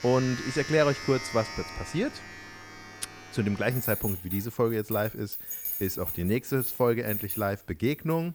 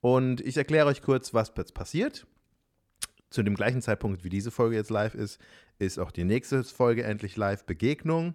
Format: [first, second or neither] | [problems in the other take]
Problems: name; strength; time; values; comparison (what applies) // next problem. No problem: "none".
second | household noises; loud; throughout; 6 dB below the speech